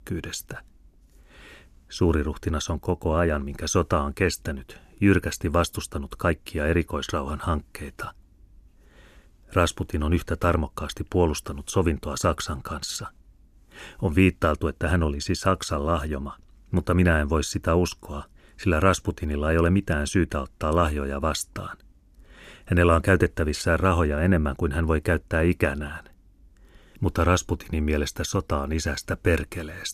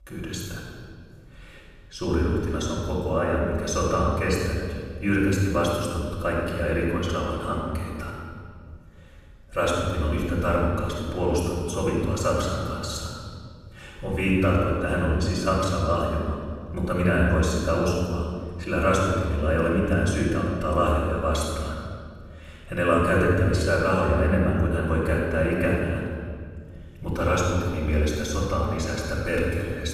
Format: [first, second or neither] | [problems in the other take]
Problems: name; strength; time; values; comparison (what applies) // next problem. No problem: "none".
first | off-mic speech; far // room echo; strong; dies away in 1.8 s